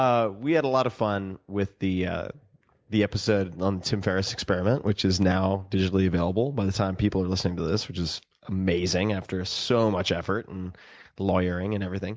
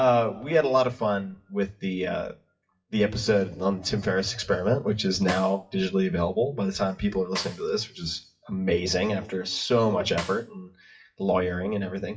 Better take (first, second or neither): first